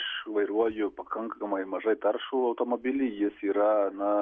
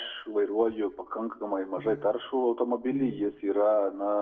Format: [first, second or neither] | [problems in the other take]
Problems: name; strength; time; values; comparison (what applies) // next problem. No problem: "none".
first | noise reduction (neural separator model SepFormer DNS4)